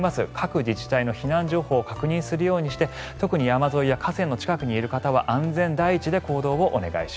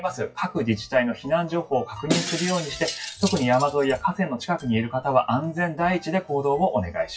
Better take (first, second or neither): first